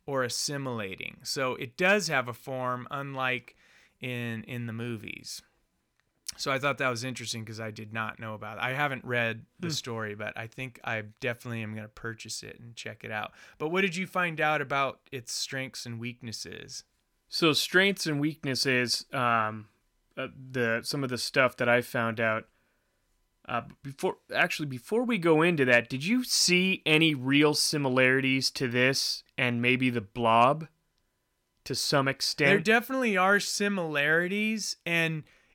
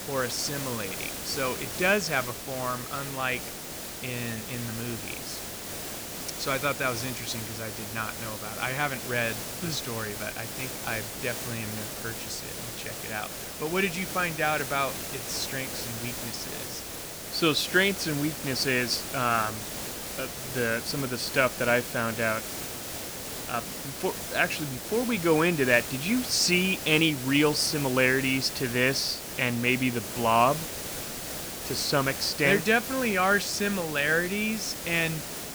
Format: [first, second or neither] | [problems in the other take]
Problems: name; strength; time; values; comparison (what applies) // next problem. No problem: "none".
first | hiss; loud; throughout; 7 dB below the speech